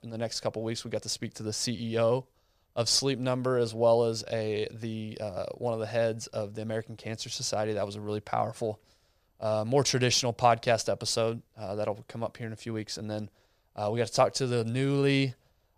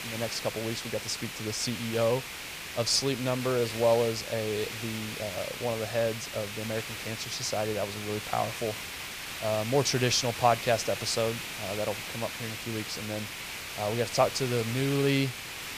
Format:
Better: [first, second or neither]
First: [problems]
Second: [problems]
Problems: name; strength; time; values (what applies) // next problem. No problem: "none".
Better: first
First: none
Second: hiss; loud; throughout; 6 dB below the speech